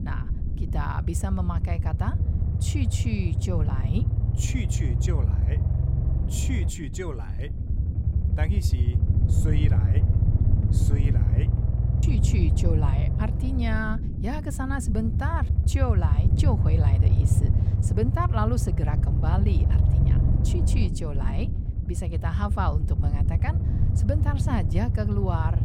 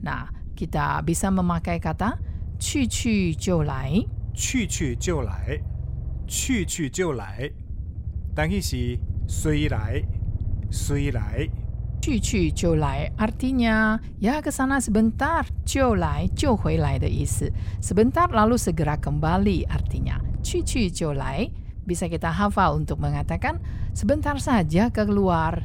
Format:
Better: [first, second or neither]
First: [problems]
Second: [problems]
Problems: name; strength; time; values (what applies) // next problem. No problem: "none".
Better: second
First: low rumble; loud; throughout; 4 dB below the speech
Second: low rumble; faint; throughout; 20 dB below the speech